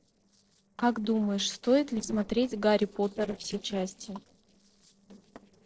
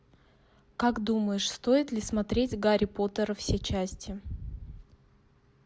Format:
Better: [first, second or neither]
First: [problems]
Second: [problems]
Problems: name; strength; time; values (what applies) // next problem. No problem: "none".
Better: second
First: noise reduction (neural separator model SepFormer DNS4)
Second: none